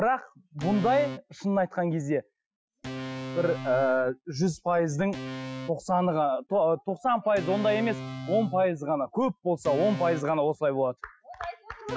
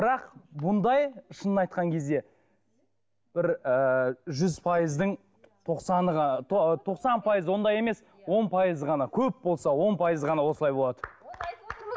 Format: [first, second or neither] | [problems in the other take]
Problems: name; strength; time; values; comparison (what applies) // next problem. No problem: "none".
second | noise reduction (classical method Wiener filter)